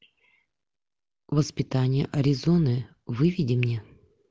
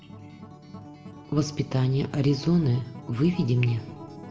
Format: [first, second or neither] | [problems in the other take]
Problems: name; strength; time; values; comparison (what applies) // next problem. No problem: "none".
first | background sound (Acoustic guitar); 16 dB below the speech // room echo; dies away in 0.6 s